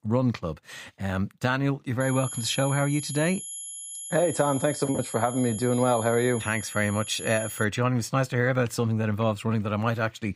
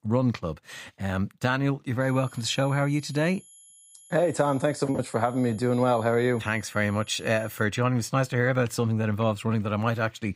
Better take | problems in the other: second | high-pitched whine; loud; from 2 to 7.5 s; 11 kHz, 9 dB below the speech; faint in the second

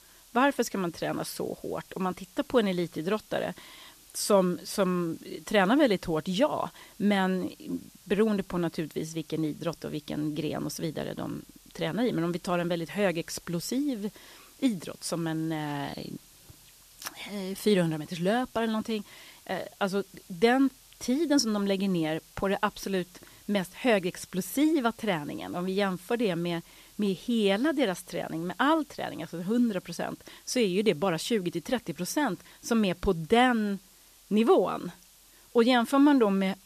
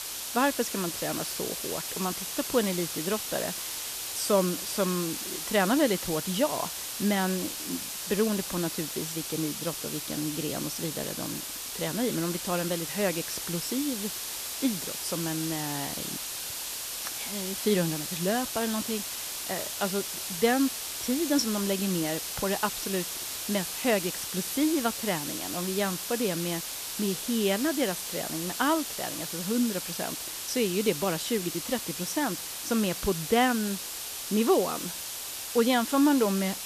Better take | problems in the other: first | hiss; loud; throughout; 3 dB below the speech; faint in the first

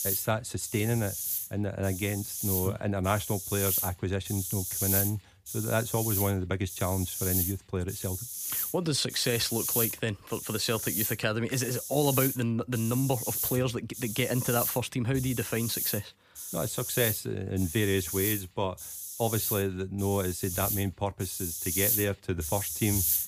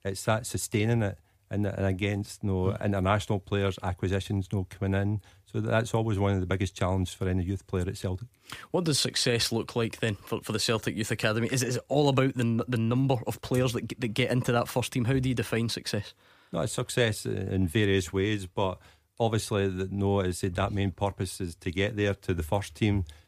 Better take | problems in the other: second | hiss; loud; throughout; 1 dB below the speech

